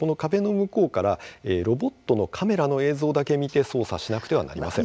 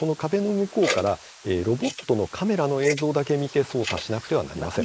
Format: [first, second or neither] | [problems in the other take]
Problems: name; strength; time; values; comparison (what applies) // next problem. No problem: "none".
first | noise reduction (neural mask model Resemble Enhance denoiser)